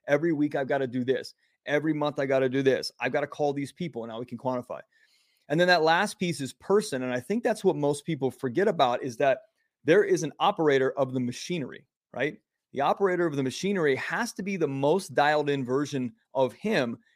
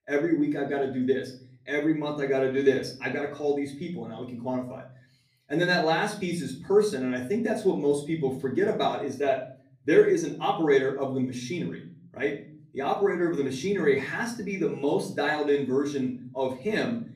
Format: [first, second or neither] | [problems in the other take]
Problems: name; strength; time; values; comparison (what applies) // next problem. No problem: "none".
first | off-mic speech; far // room echo; slight; dies away in 0.5 s